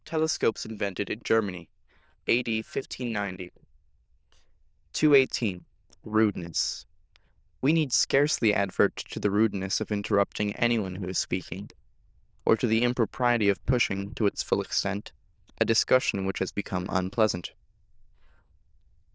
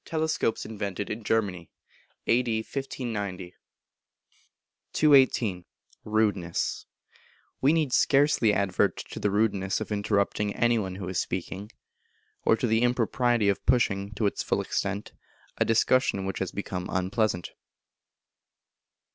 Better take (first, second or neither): second